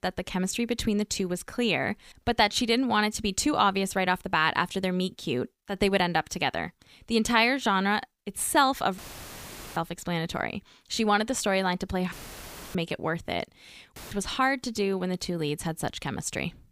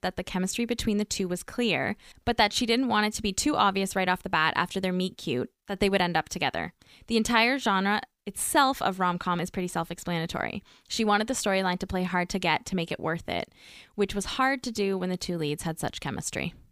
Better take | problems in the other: second | audio cutting out; filled with static; at 9 s for 1 s, at 12 s for 0.5 s and at 14 s

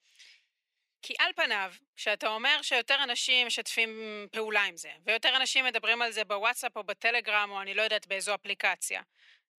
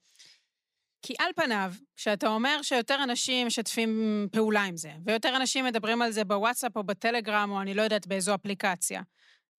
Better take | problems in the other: second | thin; very; fading below 500 Hz

